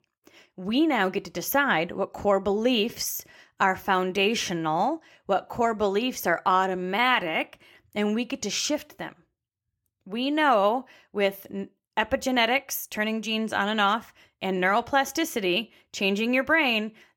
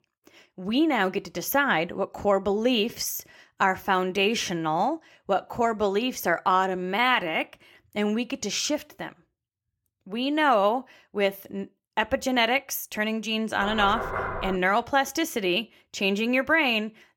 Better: first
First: none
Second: door banging; noticeable; at 14 s; peak 5 dB below the speech

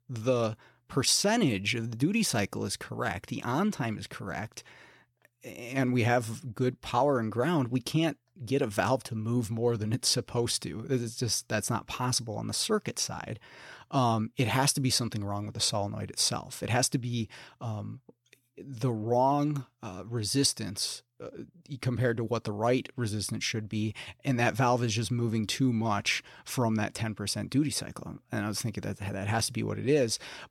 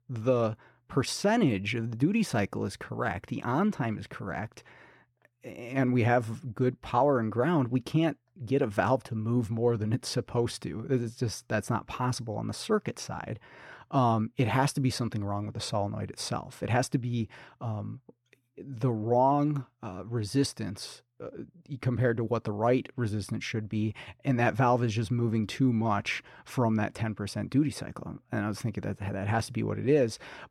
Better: first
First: none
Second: muffled; slightly; fading above 3 kHz

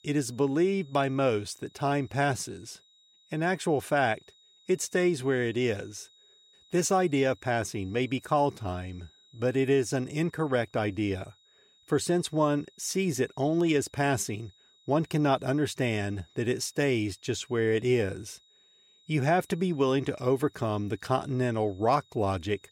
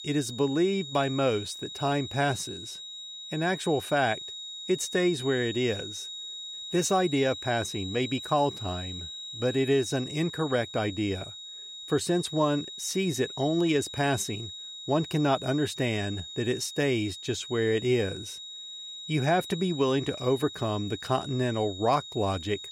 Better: first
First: high-pitched whine; faint; throughout; 4 kHz, 30 dB below the speech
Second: high-pitched whine; loud; throughout; 4 kHz, 10 dB below the speech

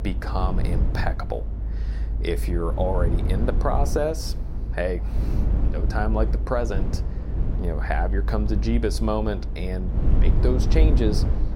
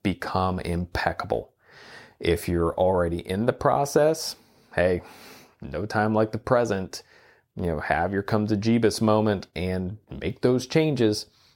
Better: second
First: low rumble; loud; throughout; 10 dB below the speech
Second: none

